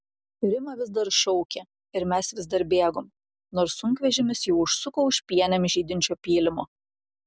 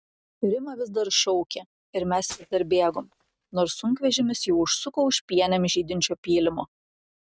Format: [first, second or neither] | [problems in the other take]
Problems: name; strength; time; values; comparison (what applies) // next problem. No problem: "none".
first | noise reduction (neural mask model RNNoise)